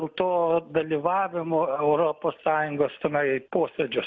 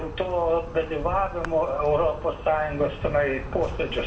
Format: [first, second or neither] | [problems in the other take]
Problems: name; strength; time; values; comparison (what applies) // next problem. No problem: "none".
first | background sound (Insect); 10 dB below the speech // room echo; dies away in 0.5 s